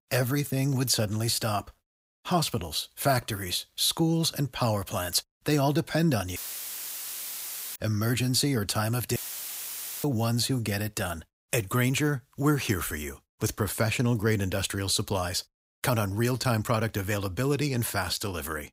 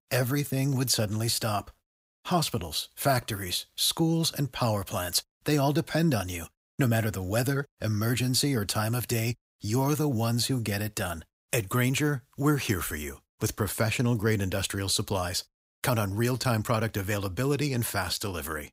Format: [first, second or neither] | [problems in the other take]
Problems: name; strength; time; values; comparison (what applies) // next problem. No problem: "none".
second | audio cutting out; filled with static; at 6.5 s for 1.5 s and at 9 s for 1 s